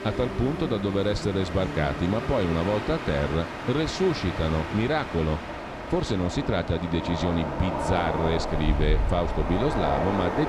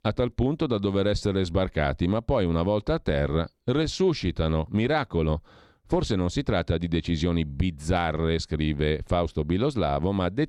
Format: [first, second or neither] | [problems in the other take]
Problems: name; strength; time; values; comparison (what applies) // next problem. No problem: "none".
second | train or aircraft noise; loud; throughout; 4 dB below the speech